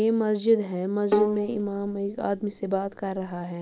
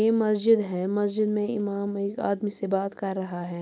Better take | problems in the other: second | background sound (Bowed string instrument); 6 dB below the speech

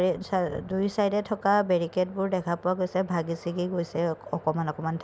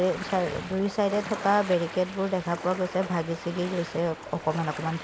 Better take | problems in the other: first | background sound (Ocean); 11 dB below the speech

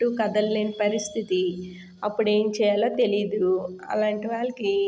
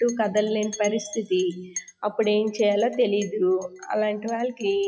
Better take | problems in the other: first | noise reduction (classical method WPE with log-MMSE)

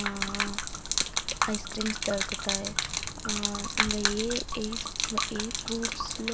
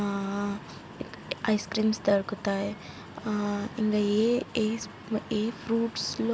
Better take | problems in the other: second | background sound (Gurgling / Liquid); 4 dB above the speech

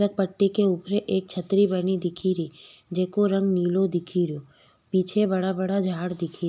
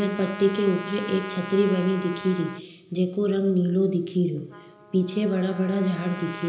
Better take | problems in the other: first | background sound (Trumpet); 15 dB below the speech // room echo; dies away in 0.8 s

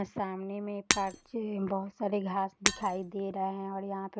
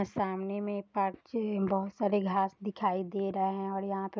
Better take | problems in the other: second | background sound (Shatter); 3 dB below the speech

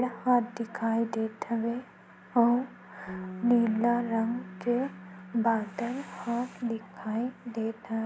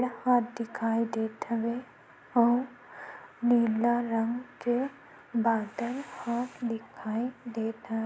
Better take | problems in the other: second | background sound (Bass guitar); 17 dB below the speech

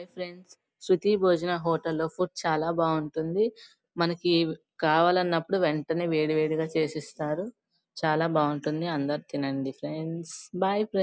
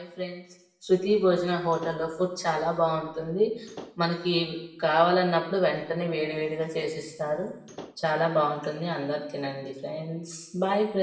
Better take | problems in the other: first | background sound (Slam / Wood); 17 dB below the speech // room echo; dies away in 0.8 s

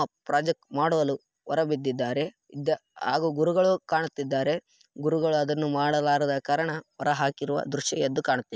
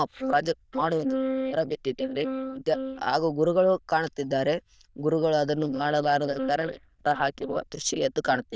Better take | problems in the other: first | noise reduction (neural diffusion model UNIVERSE++)

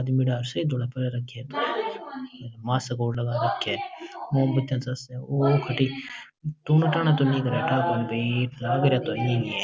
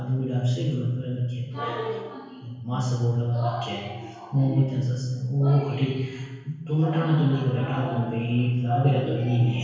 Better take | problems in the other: first | room echo; dies away in 1 s

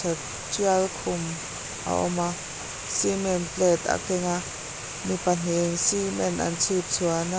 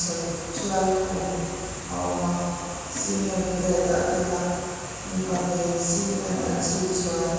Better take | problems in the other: first | background sound (Guitar); 19 dB below the speech // room echo; dies away in 2.1 s

